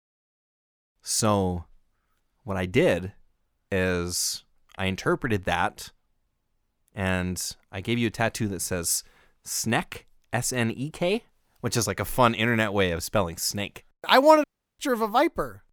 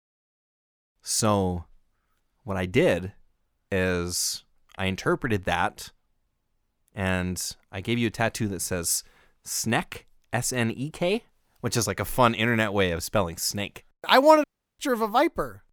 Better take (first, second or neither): neither